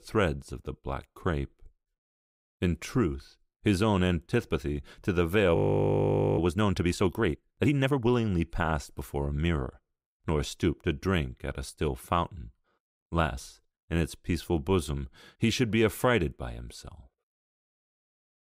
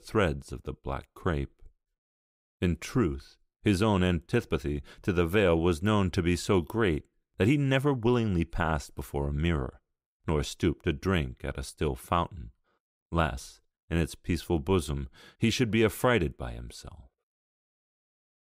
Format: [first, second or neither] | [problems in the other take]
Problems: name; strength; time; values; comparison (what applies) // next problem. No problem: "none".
second | audio freezing; at 5.5 s for 1 s